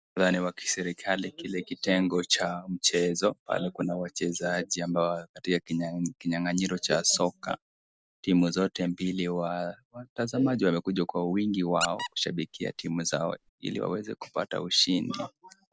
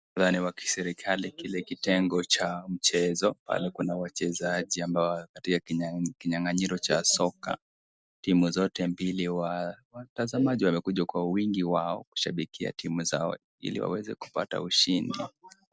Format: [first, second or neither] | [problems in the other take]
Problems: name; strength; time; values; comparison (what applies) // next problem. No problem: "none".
second | background sound (Squeak); 10 dB below the speech